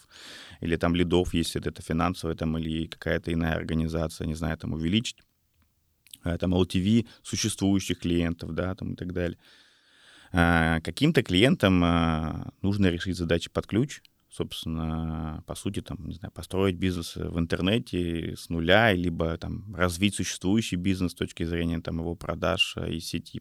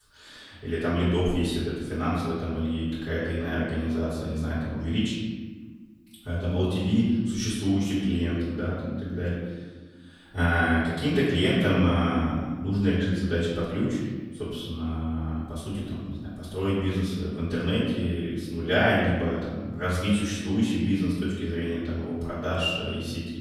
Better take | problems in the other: first | off-mic speech; far // room echo; strong; dies away in 1.4 s

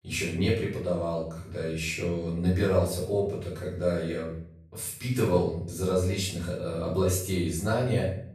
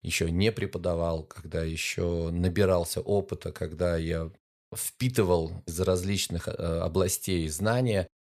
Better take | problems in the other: second | room echo; noticeable; dies away in 0.5 s // off-mic speech; far

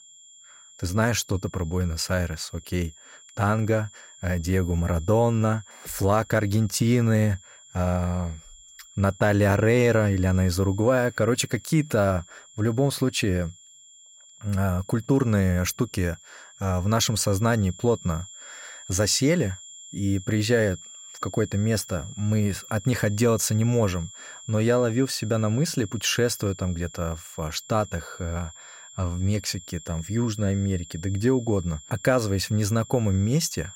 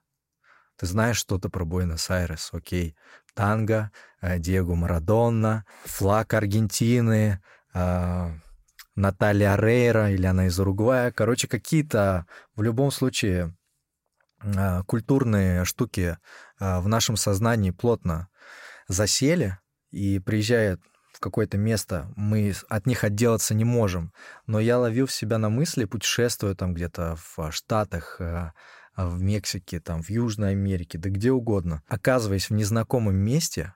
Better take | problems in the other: second | high-pitched whine; noticeable; throughout; 7.5 kHz, 20 dB below the speech

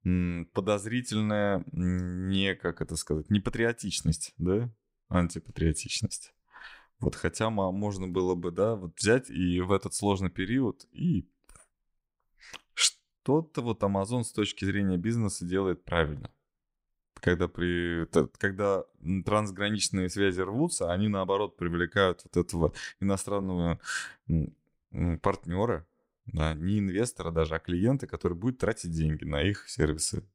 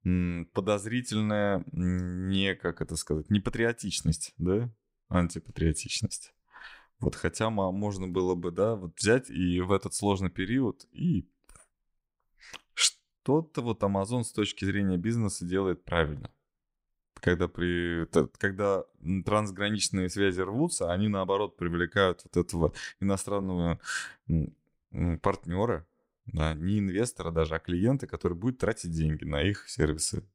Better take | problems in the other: neither | none

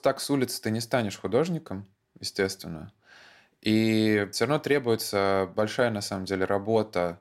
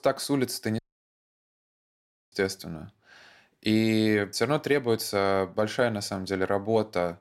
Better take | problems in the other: first | audio cutting out; at 1 s for 1.5 s

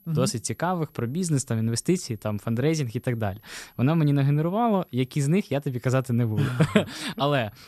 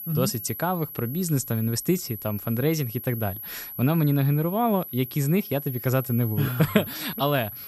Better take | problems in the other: first | high-pitched whine; loud; throughout; 11.5 kHz, 10 dB below the speech; faint in the first

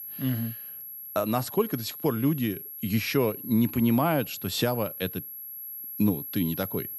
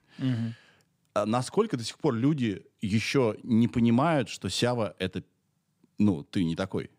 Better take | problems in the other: second | high-pitched whine; loud; throughout; 11.5 kHz, 9 dB below the speech

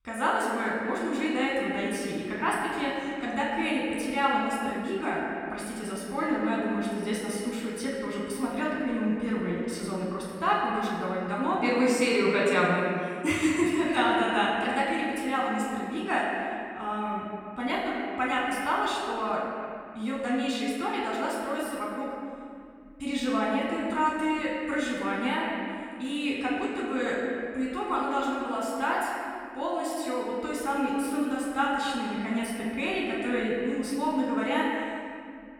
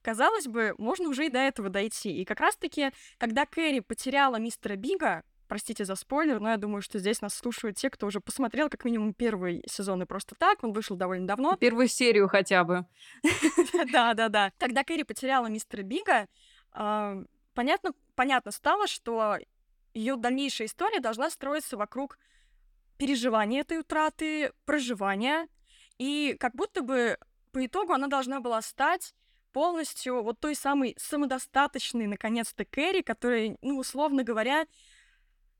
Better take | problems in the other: second | off-mic speech; far // room echo; noticeable; dies away in 2.5 s

